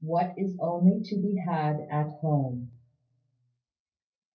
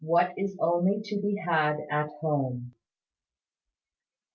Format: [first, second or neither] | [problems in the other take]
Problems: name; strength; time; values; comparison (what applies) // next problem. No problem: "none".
second | room echo; dies away in 0.4 s